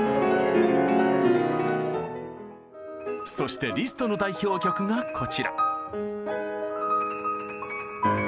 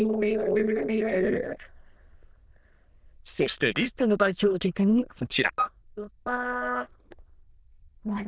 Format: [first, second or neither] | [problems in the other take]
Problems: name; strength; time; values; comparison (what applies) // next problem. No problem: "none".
first | noise reduction (neural diffusion model UNIVERSE++)